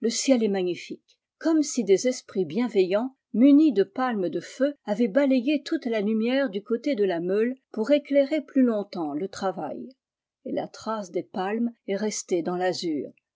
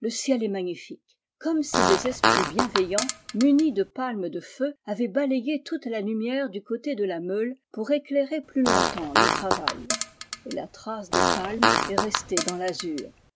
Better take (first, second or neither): first